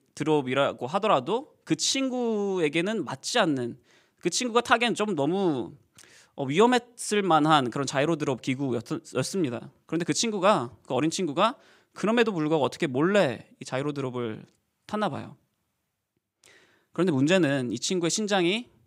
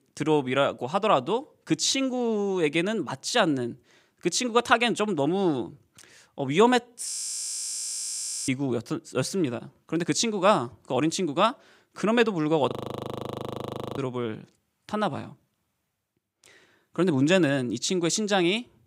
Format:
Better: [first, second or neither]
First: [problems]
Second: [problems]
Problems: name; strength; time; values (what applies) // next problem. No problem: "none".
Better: first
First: none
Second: audio freezing; at 7 s for 1.5 s and at 13 s for 1.5 s